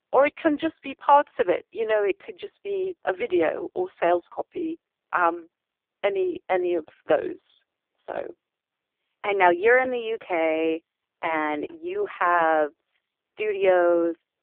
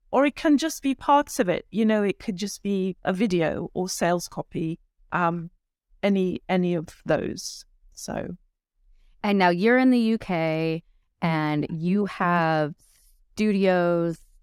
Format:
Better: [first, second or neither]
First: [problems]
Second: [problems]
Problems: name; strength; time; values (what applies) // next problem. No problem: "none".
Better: second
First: phone-call audio; poor line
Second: none